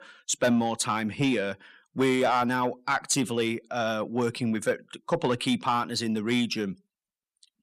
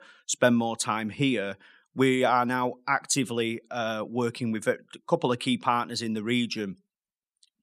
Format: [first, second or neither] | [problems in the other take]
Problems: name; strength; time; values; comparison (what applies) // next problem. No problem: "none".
second | distortion; slight; 10 dB below the speech